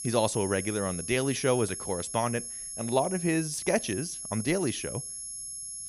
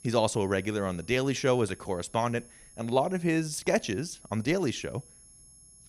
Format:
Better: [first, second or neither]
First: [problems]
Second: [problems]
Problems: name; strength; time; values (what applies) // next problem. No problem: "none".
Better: second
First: high-pitched whine; loud; throughout; 11 kHz, 6 dB below the speech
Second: high-pitched whine; faint; throughout; 11 kHz, 25 dB below the speech